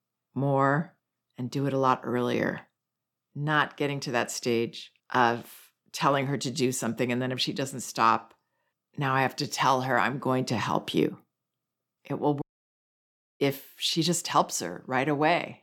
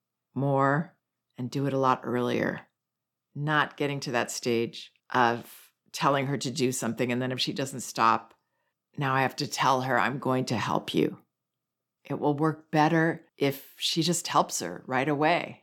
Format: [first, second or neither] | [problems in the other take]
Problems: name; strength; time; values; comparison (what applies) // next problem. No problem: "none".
second | audio cutting out; at 12 s for 1 s